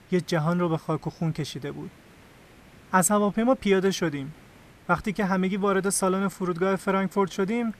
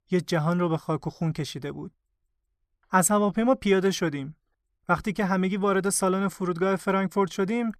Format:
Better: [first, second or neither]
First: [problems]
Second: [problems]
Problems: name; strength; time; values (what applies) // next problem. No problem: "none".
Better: second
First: hiss; faint; throughout; 25 dB below the speech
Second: none